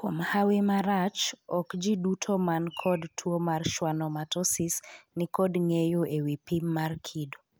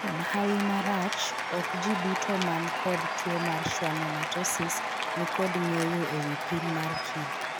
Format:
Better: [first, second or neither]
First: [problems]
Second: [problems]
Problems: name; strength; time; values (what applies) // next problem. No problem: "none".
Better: first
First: none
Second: background sound (Applause / Cheering); as loud as the speech